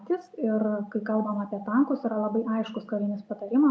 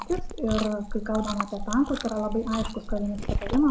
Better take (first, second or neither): first